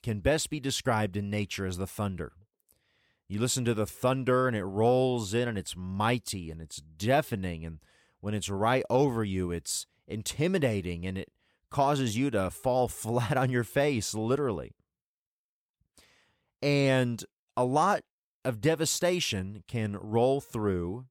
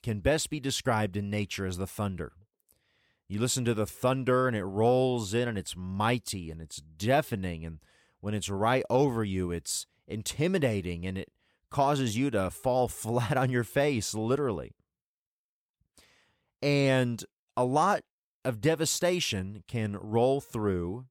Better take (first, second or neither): neither